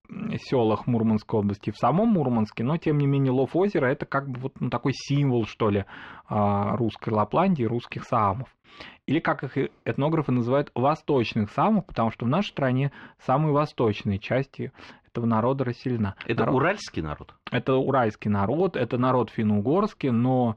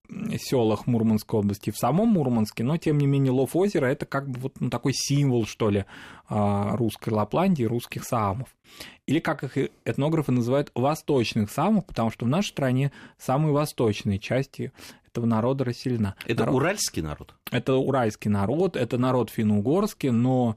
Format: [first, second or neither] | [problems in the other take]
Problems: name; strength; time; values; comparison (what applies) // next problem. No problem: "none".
second | muffled; slightly; fading above 4 kHz